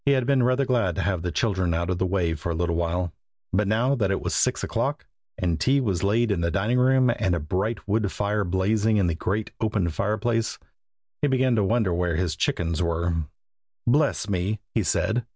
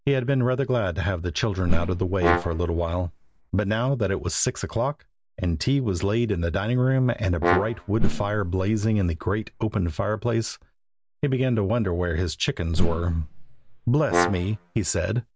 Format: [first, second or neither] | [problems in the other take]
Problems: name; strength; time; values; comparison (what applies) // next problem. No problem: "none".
first | background sound (Brass instrument + Whoosh, swoosh, swish); 2 dB below the speech